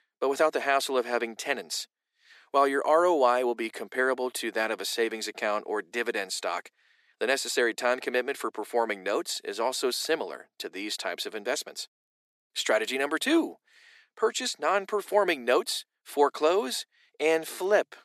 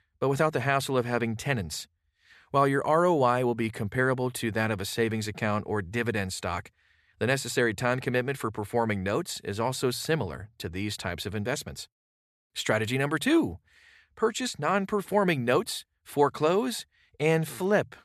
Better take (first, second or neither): second